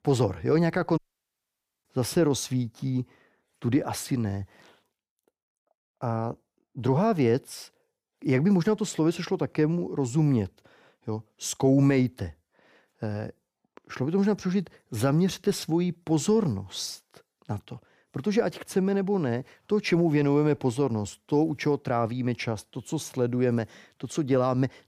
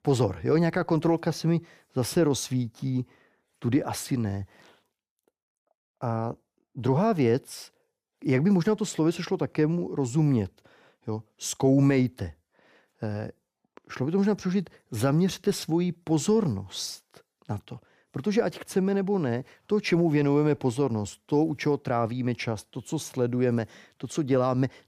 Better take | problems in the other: second | audio cutting out; at 1 s for 1 s

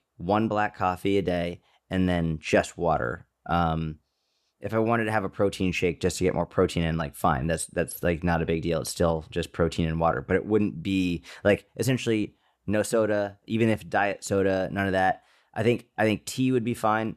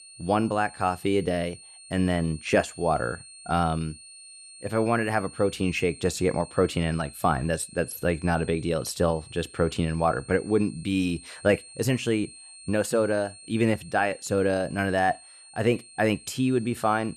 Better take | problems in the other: first | high-pitched whine; noticeable; throughout; 8.5 kHz, 20 dB below the speech

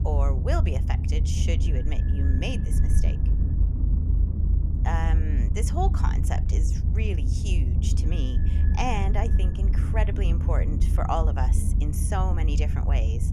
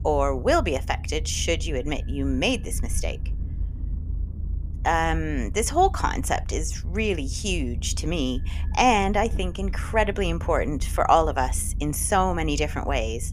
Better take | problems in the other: second | low rumble; loud; throughout; 7 dB below the speech; faint in the second

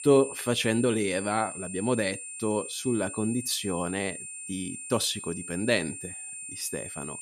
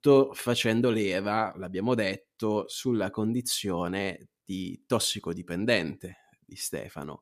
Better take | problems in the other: second | high-pitched whine; loud; throughout; 9 kHz, 8 dB below the speech

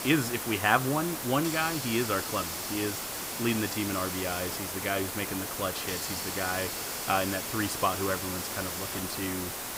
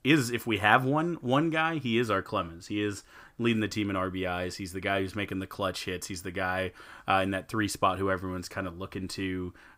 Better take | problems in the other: second | hiss; loud; throughout; 2 dB below the speech

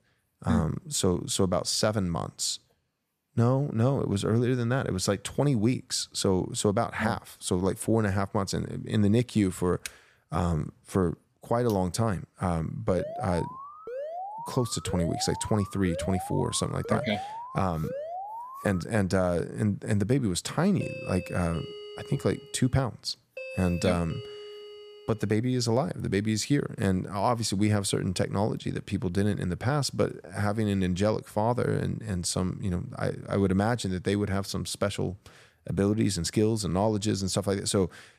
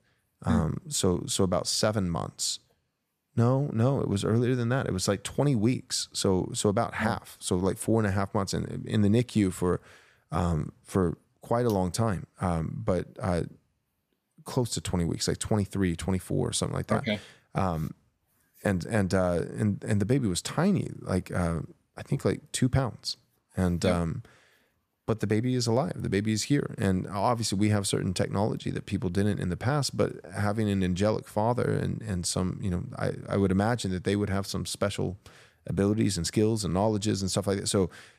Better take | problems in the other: second | keyboard typing; very faint; at 10 s; peak 15 dB below the speech // alarm; noticeable; from 13 to 19 s; peak 8 dB below the speech // doorbell; faint; from 21 to 25 s; peak 10 dB below the speech

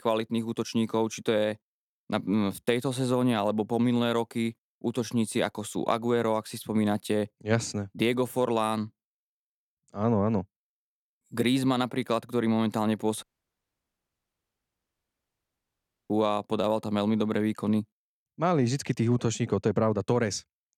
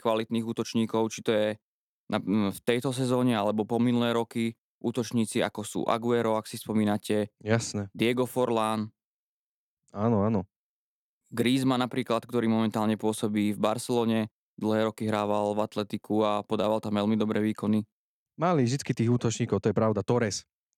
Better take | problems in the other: second | audio cutting out; at 13 s for 3 s

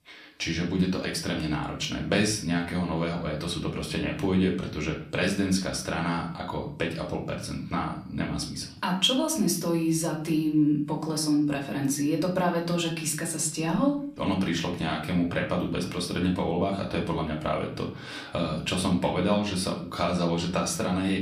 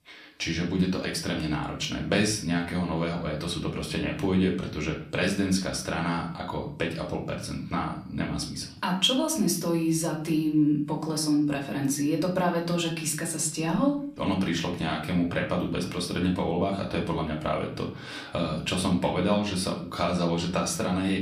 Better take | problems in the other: neither | room echo; slight; dies away in 0.4 s; the same in both // off-mic speech; somewhat distant; the same in both

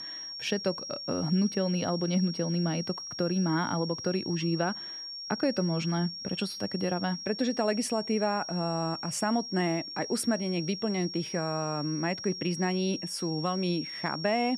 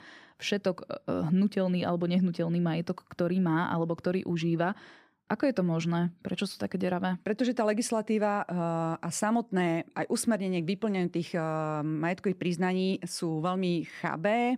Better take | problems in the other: second | high-pitched whine; loud; throughout; 5.5 kHz, 7 dB below the speech

